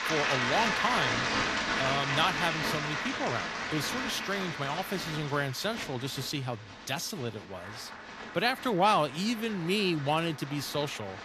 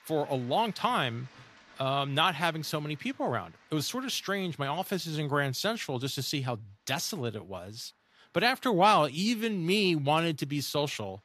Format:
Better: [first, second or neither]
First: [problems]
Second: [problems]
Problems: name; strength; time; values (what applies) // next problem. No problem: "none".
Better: second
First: crowd noise; loud; throughout; 1 dB below the speech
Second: crowd noise; faint; throughout; 30 dB below the speech